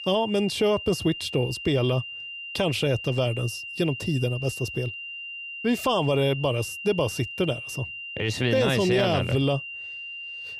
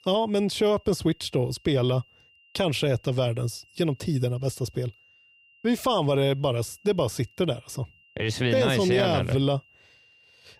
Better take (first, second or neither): second